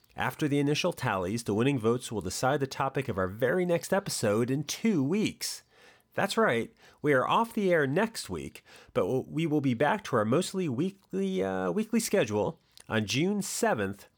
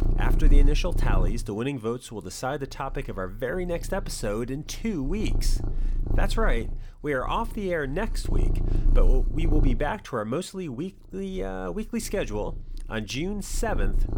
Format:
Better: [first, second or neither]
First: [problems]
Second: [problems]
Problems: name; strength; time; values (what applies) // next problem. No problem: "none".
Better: first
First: none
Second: animal sounds; very loud; throughout; 1 dB above the speech